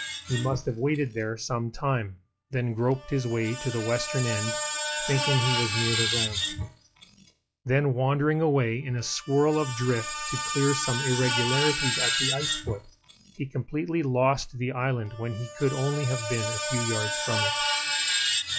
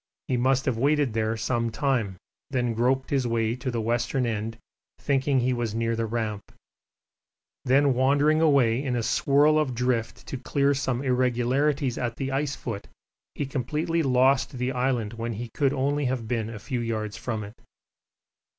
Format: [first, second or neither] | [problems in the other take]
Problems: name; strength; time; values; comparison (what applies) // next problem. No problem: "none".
second | noise reduction (classical method log-MMSE)